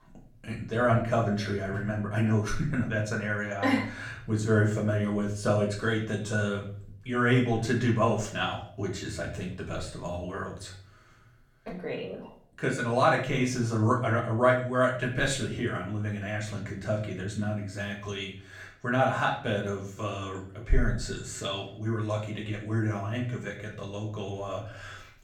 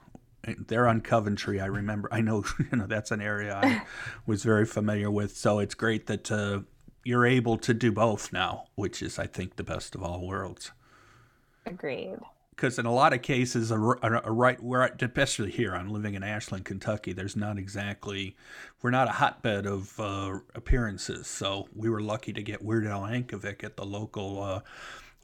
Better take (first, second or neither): second